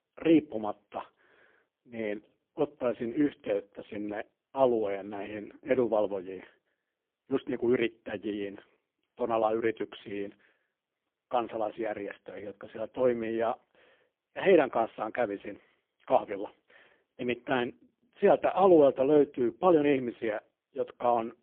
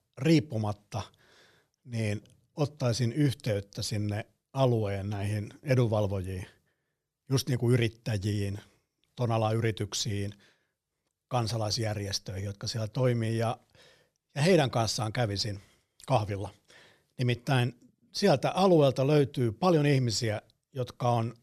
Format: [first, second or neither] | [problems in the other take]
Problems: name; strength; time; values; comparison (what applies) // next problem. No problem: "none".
second | phone-call audio; poor line; nothing above 3.5 kHz